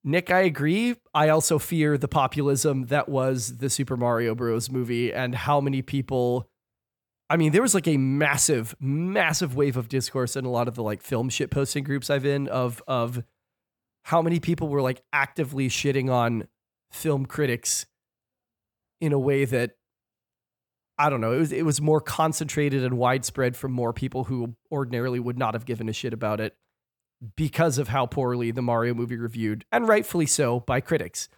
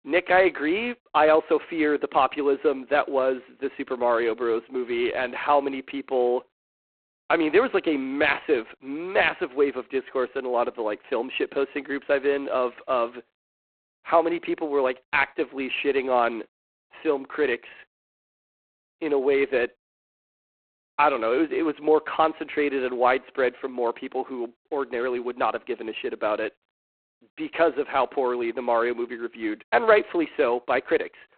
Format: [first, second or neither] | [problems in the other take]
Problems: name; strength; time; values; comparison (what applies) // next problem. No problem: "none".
first | phone-call audio; poor line; nothing above 4 kHz